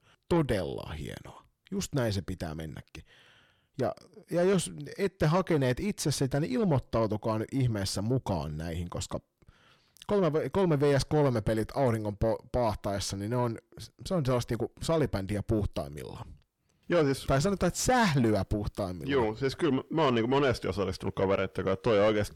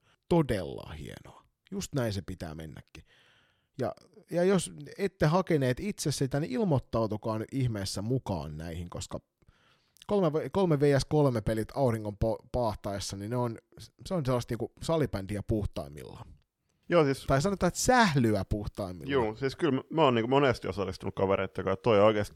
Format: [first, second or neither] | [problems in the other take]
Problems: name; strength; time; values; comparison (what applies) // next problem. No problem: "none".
second | distortion; slight; 10 dB below the speech